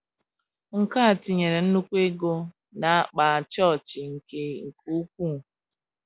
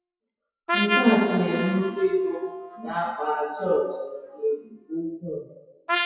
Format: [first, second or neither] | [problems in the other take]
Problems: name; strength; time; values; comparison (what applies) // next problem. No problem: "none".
first | noise reduction (classical method WPE with log-MMSE)